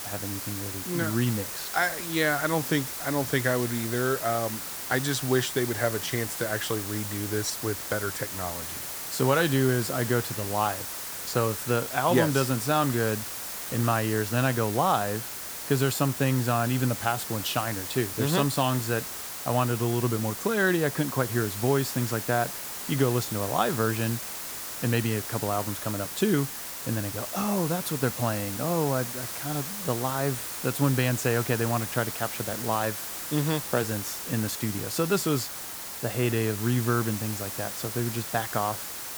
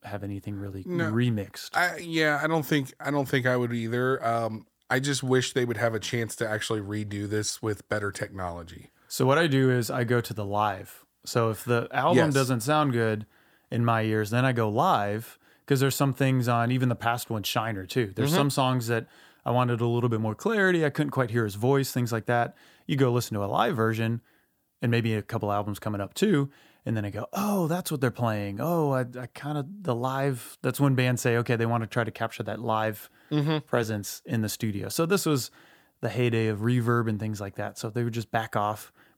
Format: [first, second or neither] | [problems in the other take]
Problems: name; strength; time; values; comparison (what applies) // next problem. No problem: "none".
second | hiss; loud; throughout; 4 dB below the speech